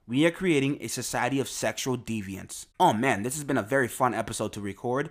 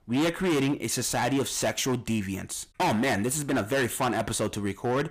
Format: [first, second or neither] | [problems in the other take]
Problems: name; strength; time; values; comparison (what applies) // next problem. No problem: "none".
first | distortion; heavy; 16% of the sound clipped